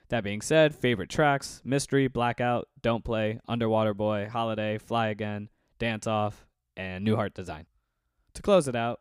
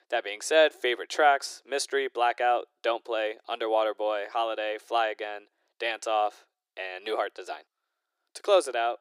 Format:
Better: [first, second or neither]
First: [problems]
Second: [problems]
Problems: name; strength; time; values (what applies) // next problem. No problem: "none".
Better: first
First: none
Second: thin; very; fading below 350 Hz